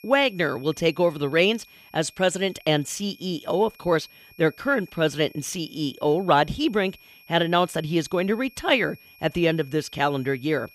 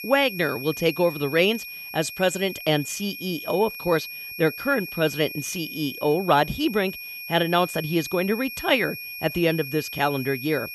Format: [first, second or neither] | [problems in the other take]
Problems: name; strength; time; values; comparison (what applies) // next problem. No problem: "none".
first | high-pitched whine; loud; throughout; 2.5 kHz, 9 dB below the speech; faint in the first